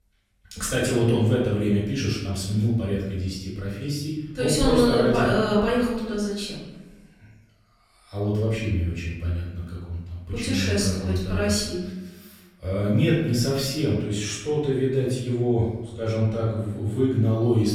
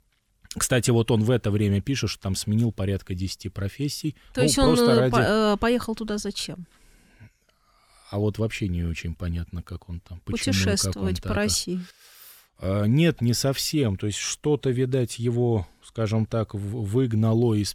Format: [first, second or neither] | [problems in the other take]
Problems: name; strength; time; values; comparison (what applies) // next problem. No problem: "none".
second | off-mic speech; far // room echo; noticeable; dies away in 0.8 s